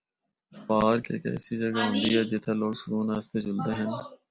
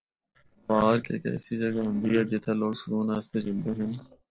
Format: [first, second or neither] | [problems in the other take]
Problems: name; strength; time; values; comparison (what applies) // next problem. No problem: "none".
first | noise reduction (neural separator model SepFormer DNS4)